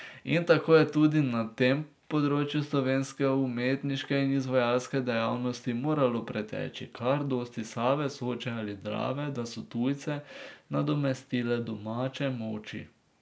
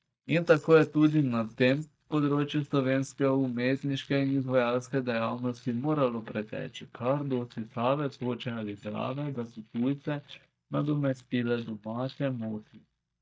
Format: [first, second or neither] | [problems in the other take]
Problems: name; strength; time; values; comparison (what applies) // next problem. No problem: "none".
first | noise reduction (neural mask model DeepFilterNet 3)